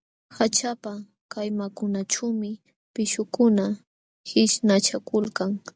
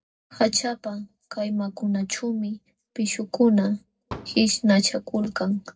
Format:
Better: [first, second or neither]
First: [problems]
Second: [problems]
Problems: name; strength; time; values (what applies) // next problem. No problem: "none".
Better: first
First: none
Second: noise reduction (neural separator model SepFormer DNS4)